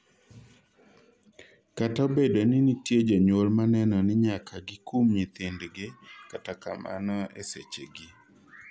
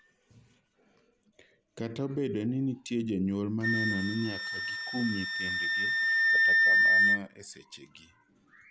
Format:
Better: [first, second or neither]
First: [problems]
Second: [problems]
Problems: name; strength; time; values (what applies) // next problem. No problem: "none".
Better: first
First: none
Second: background sound (Wind instrument, woodwind instrument); 5 dB above the speech